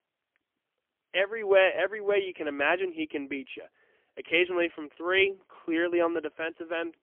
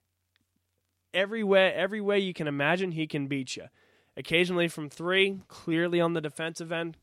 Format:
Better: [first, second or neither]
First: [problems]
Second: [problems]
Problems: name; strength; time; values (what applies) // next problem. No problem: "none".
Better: second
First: phone-call audio; poor line; nothing above 3 kHz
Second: none